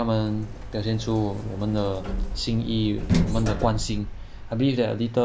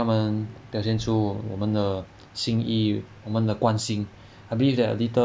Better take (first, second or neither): second